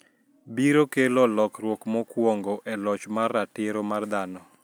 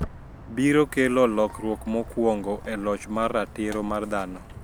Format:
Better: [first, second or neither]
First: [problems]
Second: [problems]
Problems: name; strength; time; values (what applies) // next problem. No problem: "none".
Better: first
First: none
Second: background sound (Walk, footsteps); 15 dB below the speech